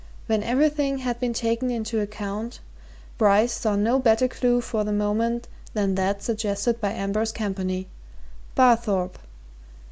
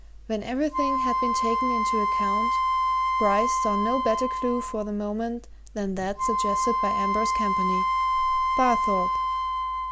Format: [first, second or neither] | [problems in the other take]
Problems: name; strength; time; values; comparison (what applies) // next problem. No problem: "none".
first | background sound (Wind instrument, woodwind instrument); 3 dB above the speech